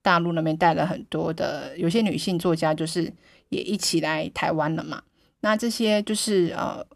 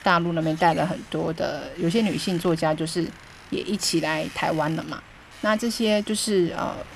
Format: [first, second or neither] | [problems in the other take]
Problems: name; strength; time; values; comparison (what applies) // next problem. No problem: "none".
first | wind noise on the microphone; occasional gusts; 15 dB below the speech